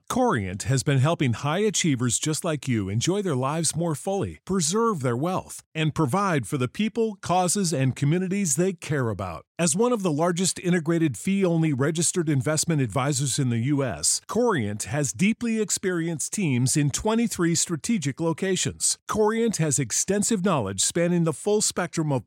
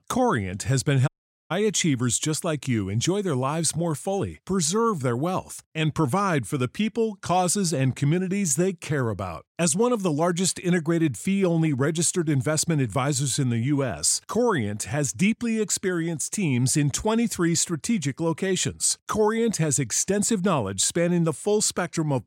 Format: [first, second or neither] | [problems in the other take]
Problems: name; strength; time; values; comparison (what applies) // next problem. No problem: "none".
first | audio cutting out; at 1 s